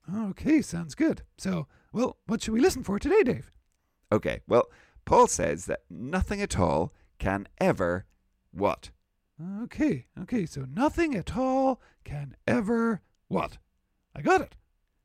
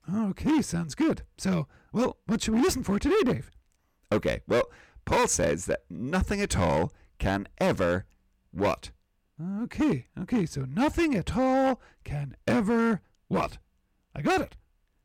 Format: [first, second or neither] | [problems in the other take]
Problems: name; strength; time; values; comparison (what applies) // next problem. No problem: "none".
first | distortion; heavy; 9% of the sound clipped